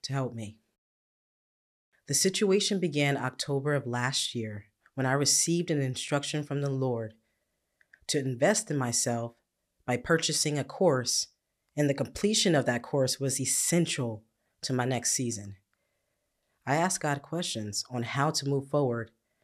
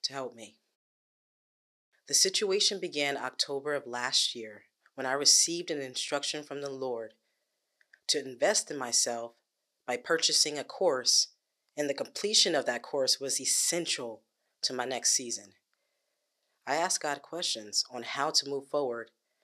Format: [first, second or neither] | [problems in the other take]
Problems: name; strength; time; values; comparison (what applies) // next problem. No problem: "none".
first | thin; somewhat; fading below 450 Hz